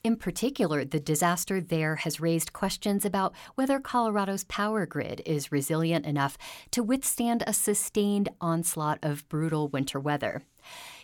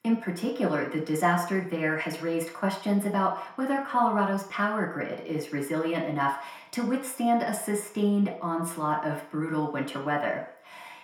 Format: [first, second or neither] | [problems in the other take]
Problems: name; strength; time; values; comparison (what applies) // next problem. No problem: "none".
first | room echo; slight; dies away in 0.6 s // off-mic speech; far